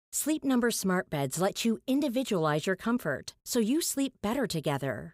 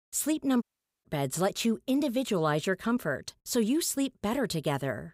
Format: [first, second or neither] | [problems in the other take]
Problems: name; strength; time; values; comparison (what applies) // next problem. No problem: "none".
first | audio cutting out; at 0.5 s